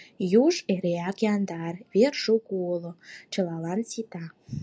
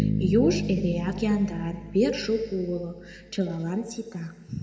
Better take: first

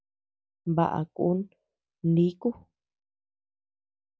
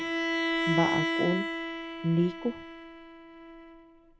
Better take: first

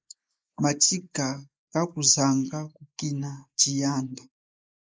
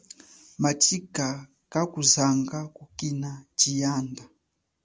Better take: second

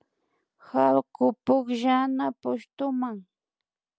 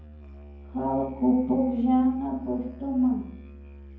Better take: first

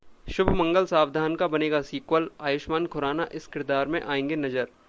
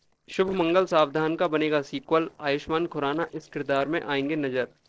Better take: first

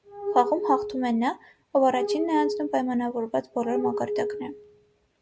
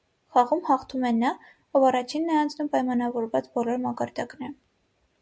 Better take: second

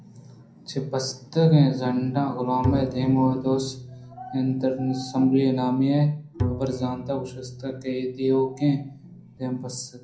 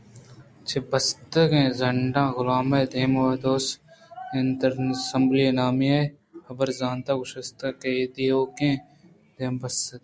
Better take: second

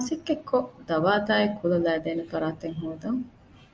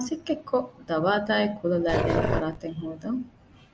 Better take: first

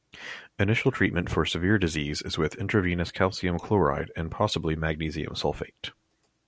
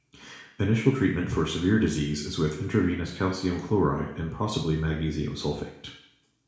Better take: first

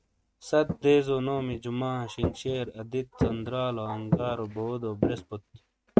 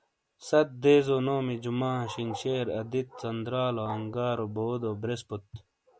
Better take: second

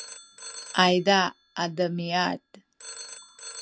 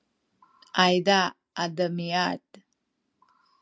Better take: second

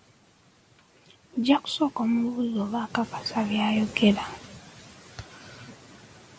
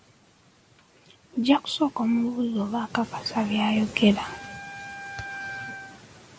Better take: first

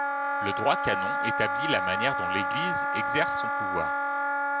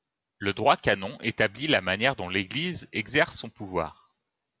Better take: second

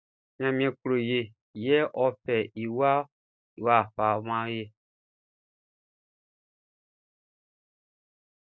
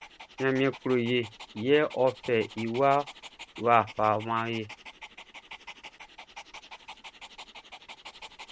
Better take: first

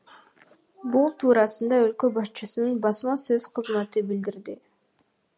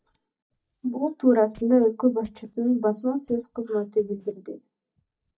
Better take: first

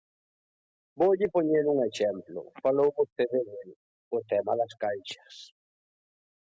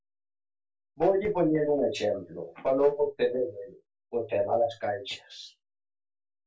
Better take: first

